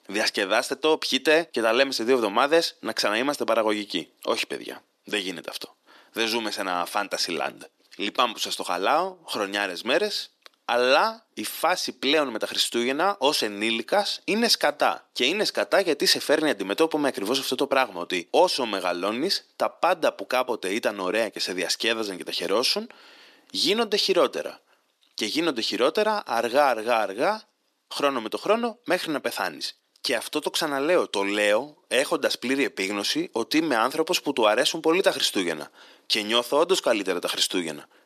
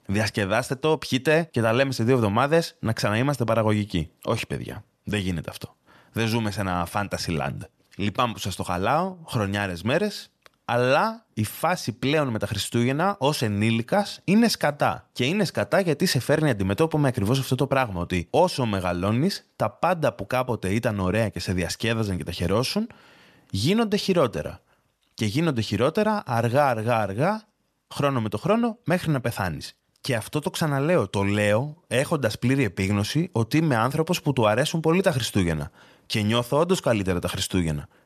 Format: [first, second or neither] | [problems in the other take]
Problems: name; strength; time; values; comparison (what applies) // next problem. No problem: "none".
second | thin; somewhat; fading below 300 Hz